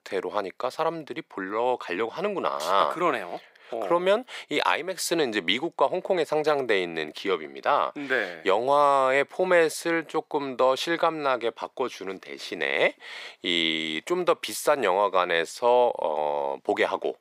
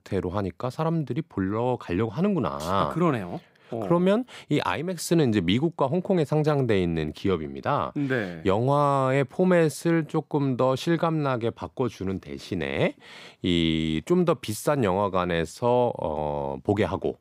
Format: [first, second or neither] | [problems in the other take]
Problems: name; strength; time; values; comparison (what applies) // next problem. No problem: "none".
second | thin; very; fading below 550 Hz